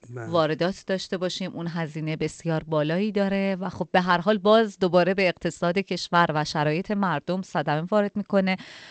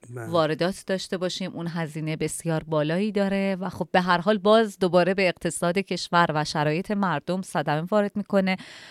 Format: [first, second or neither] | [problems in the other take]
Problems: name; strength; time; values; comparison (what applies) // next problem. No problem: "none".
second | garbled, watery; slightly; nothing above 8 kHz